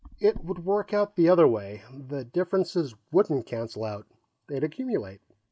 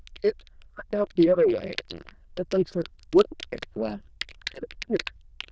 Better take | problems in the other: first | noise reduction (neural diffusion model UNIVERSE++)

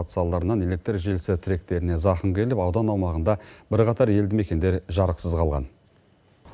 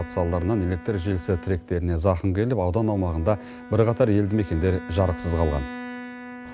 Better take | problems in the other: first | background sound (Bowed string instrument); 15 dB below the speech

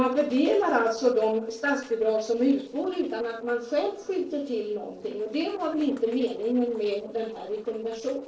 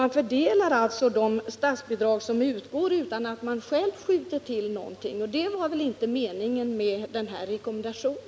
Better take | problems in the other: second | noise reduction (neural separator model SepFormer DNS4)

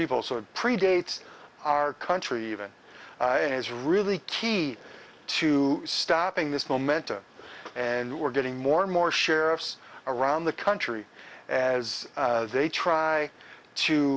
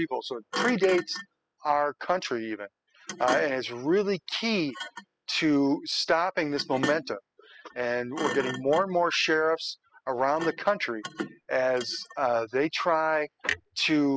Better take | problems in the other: first | noise reduction (classical method spectral subtraction)

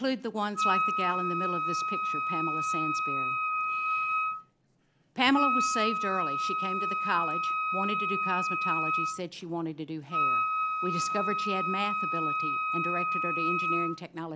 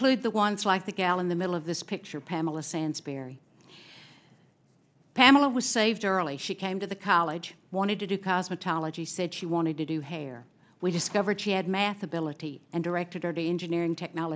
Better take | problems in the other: second | background sound (Wind instrument, woodwind instrument); 4 dB above the speech

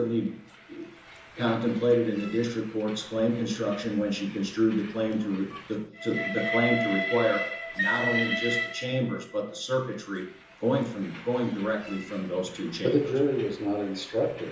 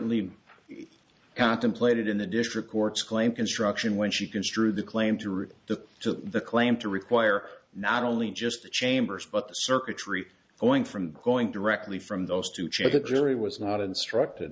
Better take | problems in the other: second | background sound (Train); 8 dB below the speech // room echo; dies away in 0.6 s

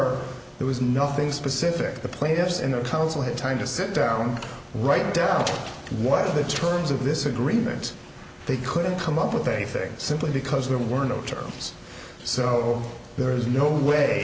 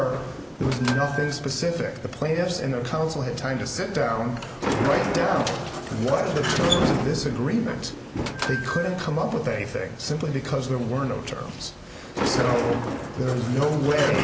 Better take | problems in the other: first | background sound (Sliding door); 5 dB below the speech

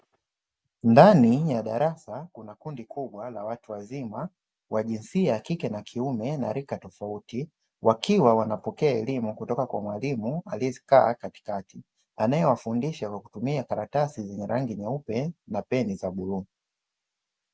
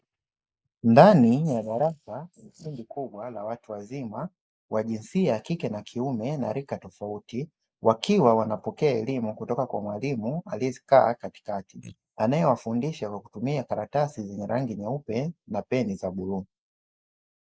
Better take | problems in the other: first | noise reduction (neural mask model Resemble Enhance denoiser)

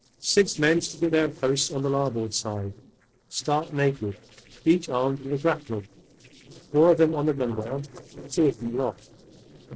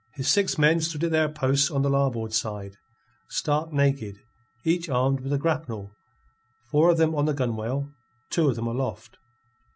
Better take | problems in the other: second | noise reduction (neural separator model SepFormer DNS4)

